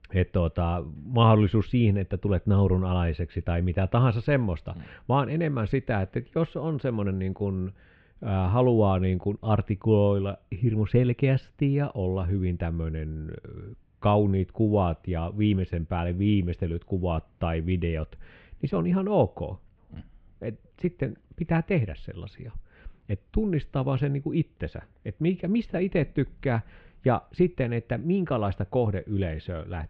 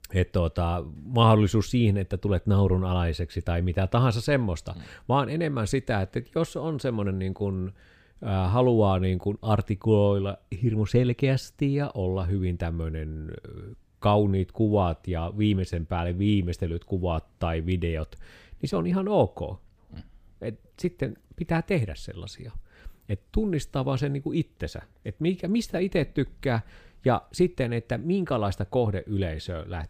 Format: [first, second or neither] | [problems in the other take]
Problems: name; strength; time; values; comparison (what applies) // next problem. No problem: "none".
second | muffled; very; fading above 3 kHz